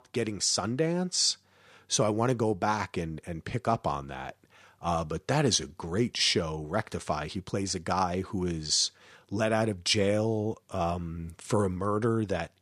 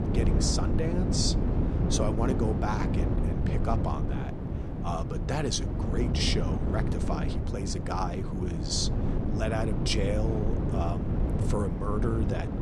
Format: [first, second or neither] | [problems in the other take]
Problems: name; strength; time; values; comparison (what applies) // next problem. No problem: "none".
first | wind noise on the microphone; heavy; 4 dB below the speech